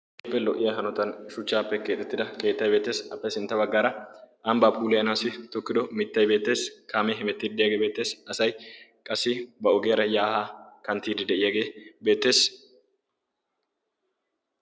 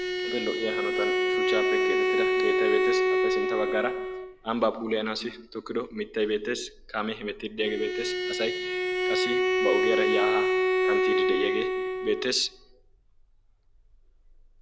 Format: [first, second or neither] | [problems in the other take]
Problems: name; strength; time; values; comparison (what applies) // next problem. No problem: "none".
first | background sound (Bowed string instrument); 4 dB above the speech